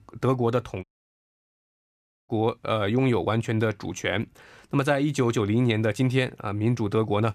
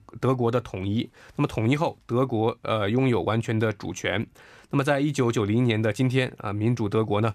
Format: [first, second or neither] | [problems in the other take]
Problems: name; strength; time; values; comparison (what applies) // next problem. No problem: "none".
second | audio cutting out; at 1 s for 1.5 s